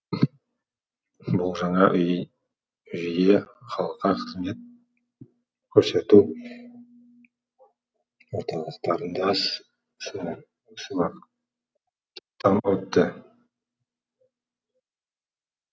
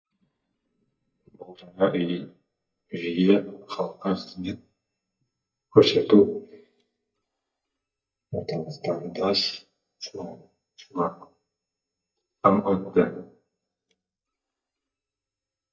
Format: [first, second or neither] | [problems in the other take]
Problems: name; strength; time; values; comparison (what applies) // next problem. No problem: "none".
first | noise reduction (neural mask model DeepFilterNet 3)